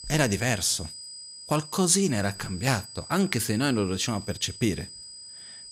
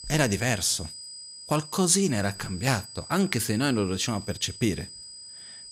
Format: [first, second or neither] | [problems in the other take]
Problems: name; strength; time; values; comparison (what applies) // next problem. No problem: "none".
neither | high-pitched whine; noticeable; throughout; 5 kHz, 15 dB below the speech; the same in both